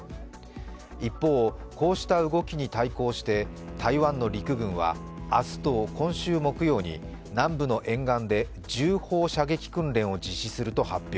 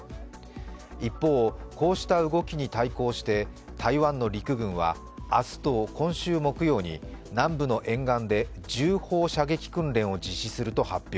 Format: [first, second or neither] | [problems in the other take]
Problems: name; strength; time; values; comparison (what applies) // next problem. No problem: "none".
second | background sound (Bowed string instrument); 17 dB below the speech